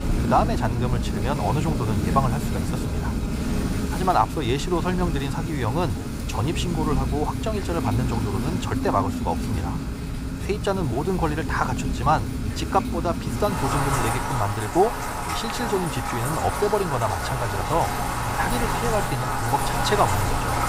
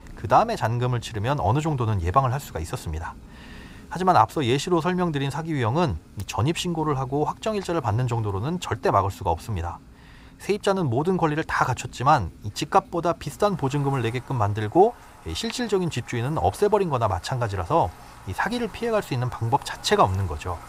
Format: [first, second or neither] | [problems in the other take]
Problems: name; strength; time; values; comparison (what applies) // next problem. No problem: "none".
second | rain or running water; loud; throughout; 1 dB below the speech; faint in the second